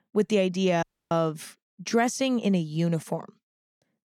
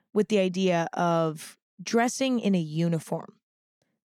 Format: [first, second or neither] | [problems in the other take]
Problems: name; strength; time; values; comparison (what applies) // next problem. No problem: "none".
second | audio cutting out; at 1 s